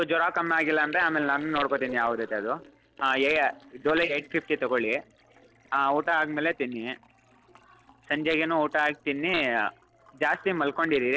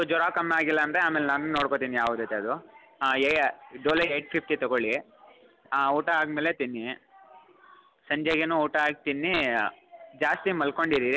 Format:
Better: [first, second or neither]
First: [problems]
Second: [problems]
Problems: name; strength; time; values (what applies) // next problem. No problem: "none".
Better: second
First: noise reduction (neural separator model SepFormer DNS4)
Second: none